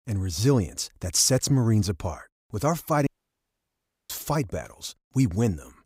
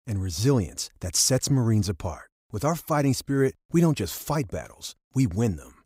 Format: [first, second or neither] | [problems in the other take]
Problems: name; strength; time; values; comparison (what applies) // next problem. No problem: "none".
second | audio cutting out; at 3 s for 1 s